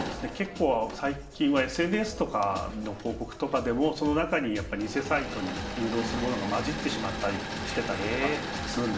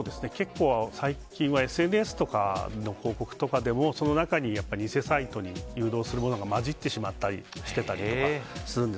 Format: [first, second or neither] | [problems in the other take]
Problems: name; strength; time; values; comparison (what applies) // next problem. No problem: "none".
second | background sound (Engine / Mechanisms); 9 dB below the speech // room echo; dies away in 1.7 s